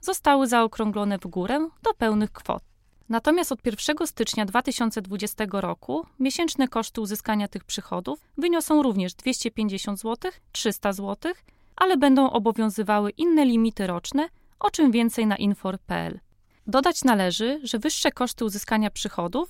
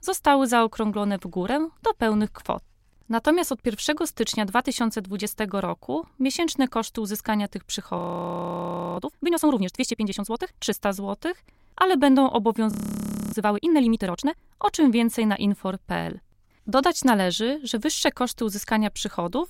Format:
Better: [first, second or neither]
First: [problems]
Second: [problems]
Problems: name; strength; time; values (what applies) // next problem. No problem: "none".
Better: first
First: none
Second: audio freezing; at 8 s for 1 s and at 13 s for 0.5 s